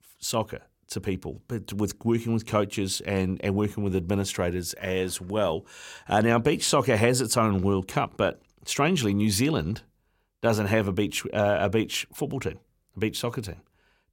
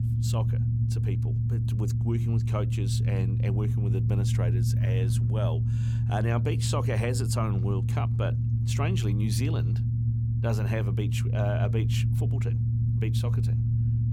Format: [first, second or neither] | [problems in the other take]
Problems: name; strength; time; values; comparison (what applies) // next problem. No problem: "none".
first | low rumble; loud; throughout; 3 dB below the speech